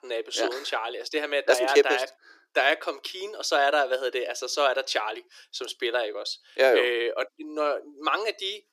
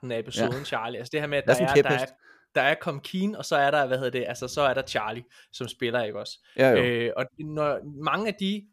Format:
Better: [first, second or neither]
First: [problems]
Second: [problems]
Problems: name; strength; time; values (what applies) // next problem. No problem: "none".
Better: second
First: thin; very; fading below 300 Hz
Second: none